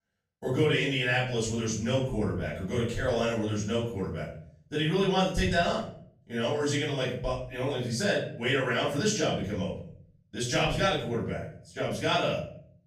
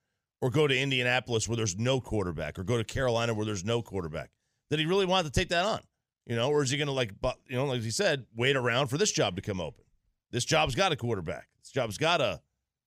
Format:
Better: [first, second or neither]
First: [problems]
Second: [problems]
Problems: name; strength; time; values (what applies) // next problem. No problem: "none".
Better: second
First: off-mic speech; far // room echo; noticeable; dies away in 0.5 s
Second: none